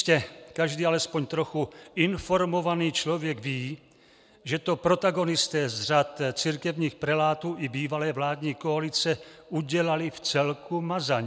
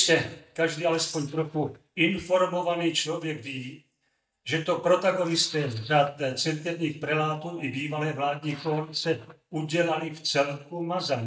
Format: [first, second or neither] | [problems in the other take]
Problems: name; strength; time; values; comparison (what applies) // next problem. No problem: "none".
first | noise reduction (neural mask model DeepFilterNet 3)